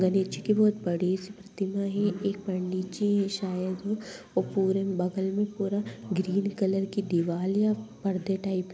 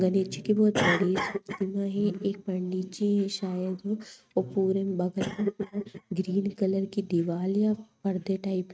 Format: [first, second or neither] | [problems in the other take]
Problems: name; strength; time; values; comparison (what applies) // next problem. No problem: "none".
first | noise reduction (neural mask model RNNoise)